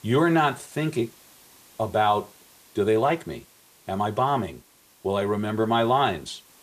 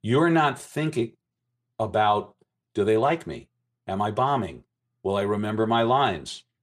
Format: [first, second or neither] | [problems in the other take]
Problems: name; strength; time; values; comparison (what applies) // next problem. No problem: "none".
second | hiss; faint; throughout; 25 dB below the speech